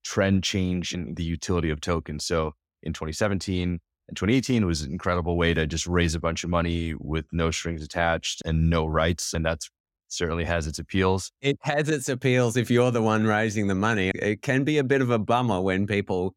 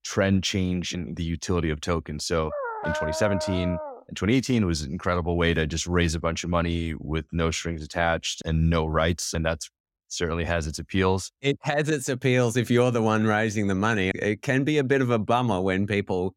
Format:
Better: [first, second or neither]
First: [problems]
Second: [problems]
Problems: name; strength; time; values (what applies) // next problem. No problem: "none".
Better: first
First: none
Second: dog barking; noticeable; from 2.5 to 4 s; peak 4 dB below the speech